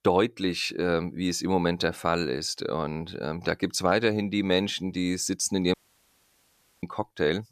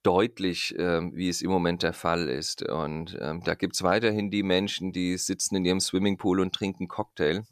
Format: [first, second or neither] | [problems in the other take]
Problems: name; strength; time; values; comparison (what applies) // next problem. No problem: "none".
second | audio cutting out; at 5.5 s for 1 s